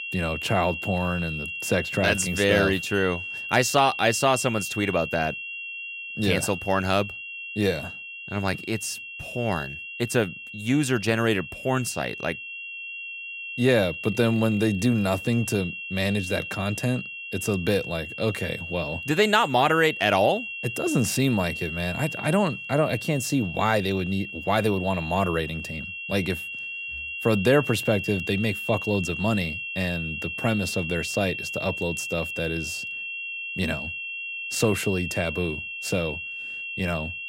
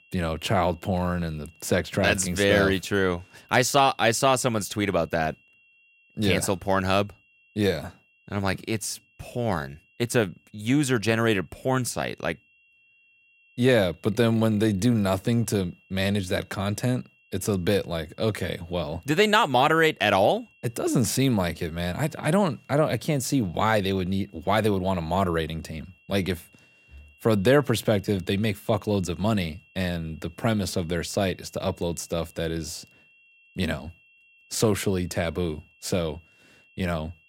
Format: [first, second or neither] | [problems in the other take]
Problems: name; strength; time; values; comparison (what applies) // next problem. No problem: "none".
second | high-pitched whine; loud; throughout; 2.5 kHz, 7 dB below the speech; faint in the second